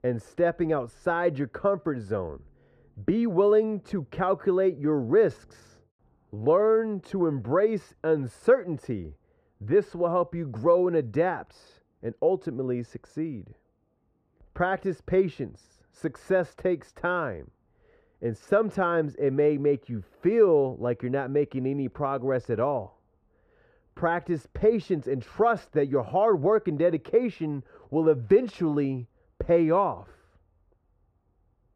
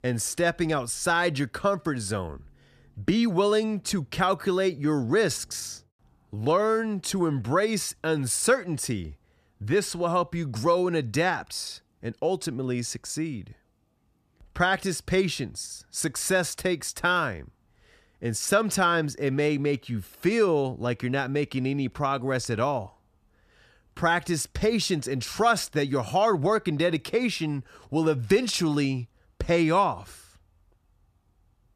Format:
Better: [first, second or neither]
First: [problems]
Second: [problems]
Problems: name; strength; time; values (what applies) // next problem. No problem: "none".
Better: second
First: muffled; very; fading above 3 kHz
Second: none